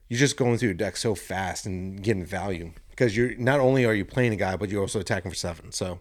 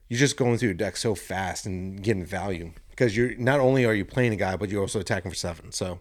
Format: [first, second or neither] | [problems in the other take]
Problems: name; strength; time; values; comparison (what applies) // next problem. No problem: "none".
neither | none